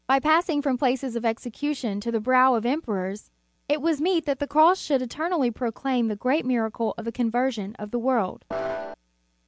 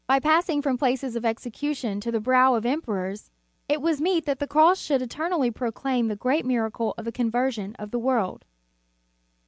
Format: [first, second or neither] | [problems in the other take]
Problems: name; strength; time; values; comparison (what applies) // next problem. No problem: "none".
second | background sound (Piano); 4 dB below the speech